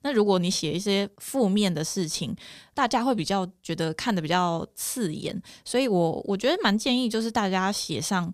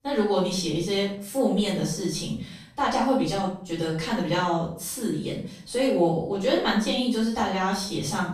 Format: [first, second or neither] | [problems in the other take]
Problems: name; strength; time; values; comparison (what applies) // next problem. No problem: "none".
first | off-mic speech; far // room echo; noticeable; dies away in 0.5 s